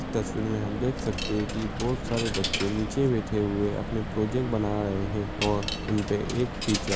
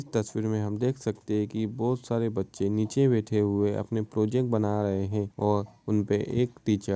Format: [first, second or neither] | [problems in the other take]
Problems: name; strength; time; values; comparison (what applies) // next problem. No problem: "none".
second | background sound (Coin (dropping)); 4 dB below the speech